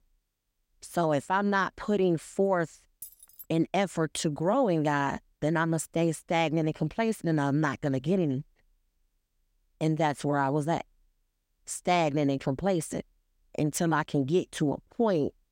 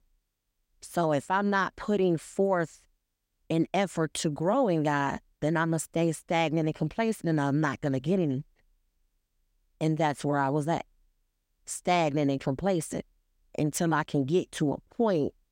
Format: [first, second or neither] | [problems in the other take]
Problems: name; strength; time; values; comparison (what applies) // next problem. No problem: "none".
second | jangling keys; faint; at 3 s; peak 15 dB below the speech